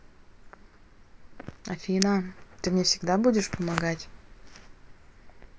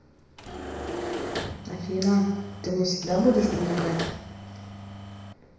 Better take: first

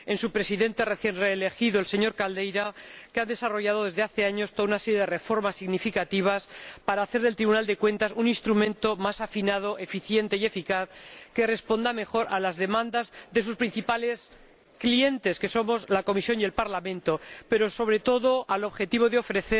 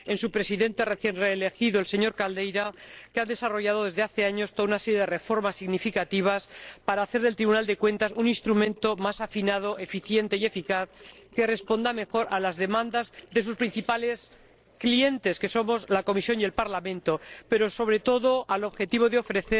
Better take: first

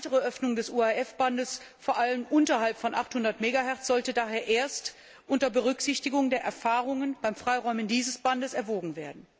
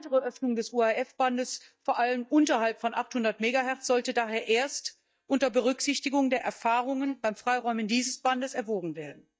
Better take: first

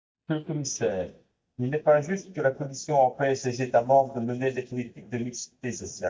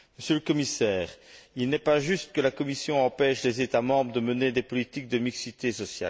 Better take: second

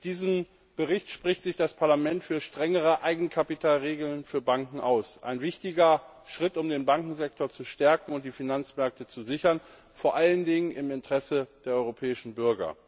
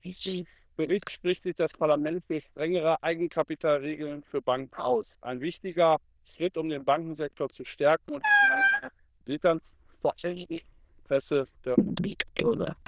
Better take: first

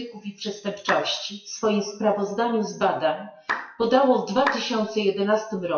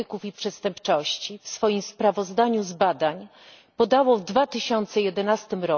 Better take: second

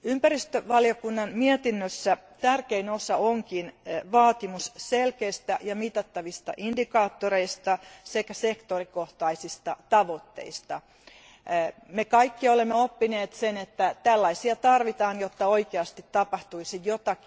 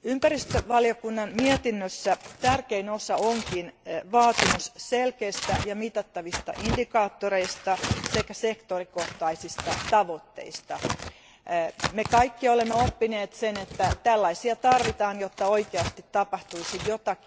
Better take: first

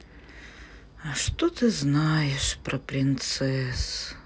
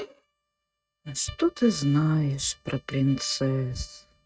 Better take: first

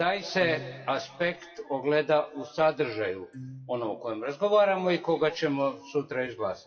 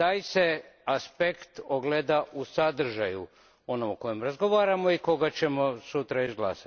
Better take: second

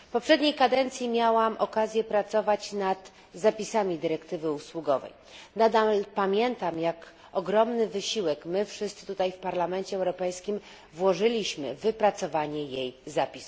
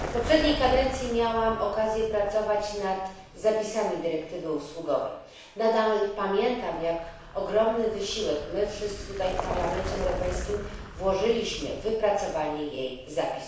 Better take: first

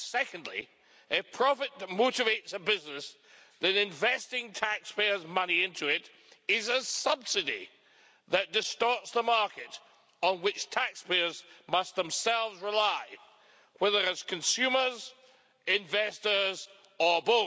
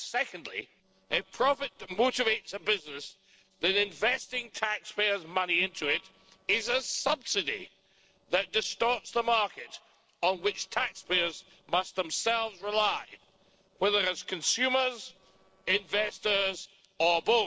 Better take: first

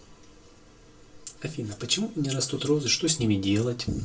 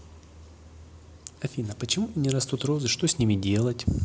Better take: second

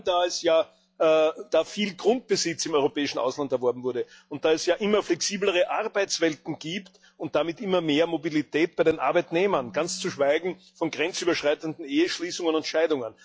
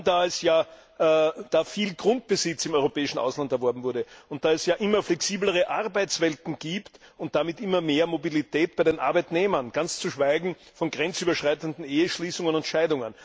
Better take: second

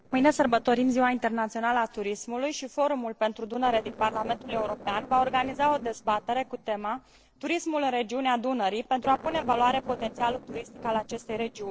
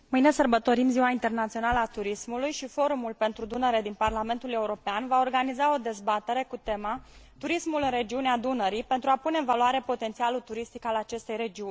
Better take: second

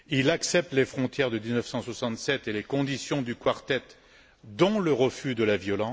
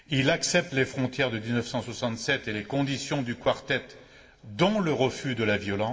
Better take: first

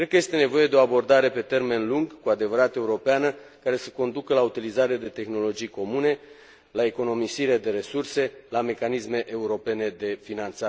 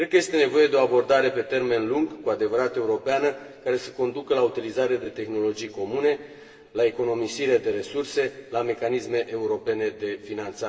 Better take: first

